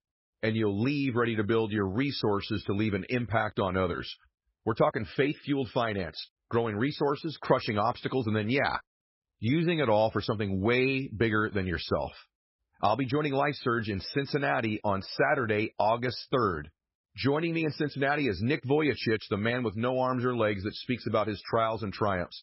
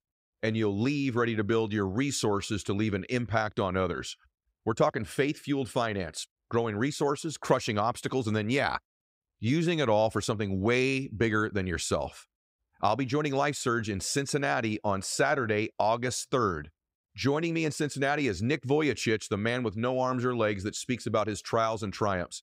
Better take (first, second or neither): second